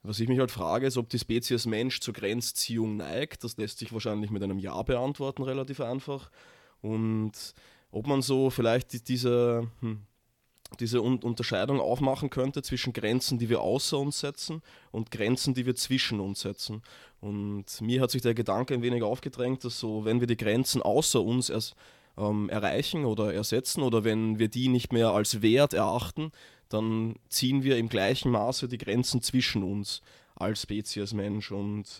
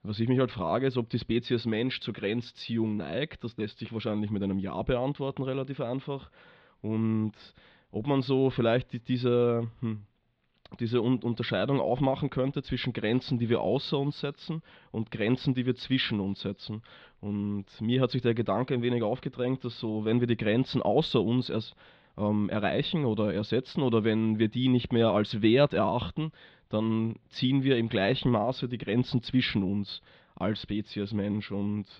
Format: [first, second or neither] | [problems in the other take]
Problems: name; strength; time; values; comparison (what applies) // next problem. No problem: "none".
first | muffled; slightly; fading above 4 kHz